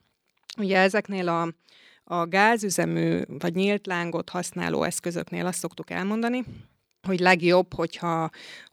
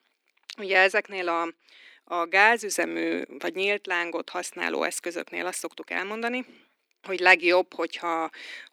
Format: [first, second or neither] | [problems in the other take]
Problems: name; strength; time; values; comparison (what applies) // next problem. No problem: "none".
first | thin; somewhat; fading below 250 Hz